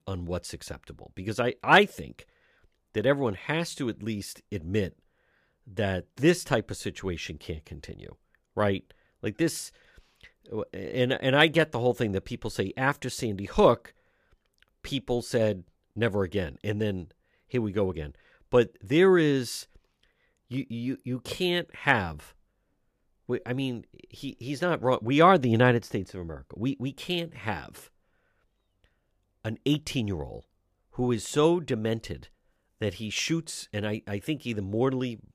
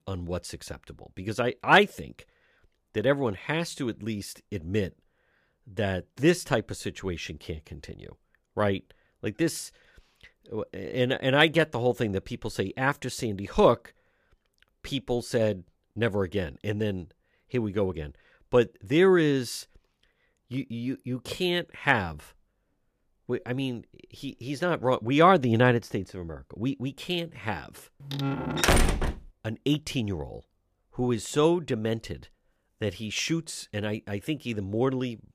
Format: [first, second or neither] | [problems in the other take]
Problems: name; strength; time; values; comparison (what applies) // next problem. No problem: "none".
first | door banging; loud; from 28 to 29 s; peak 5 dB above the speech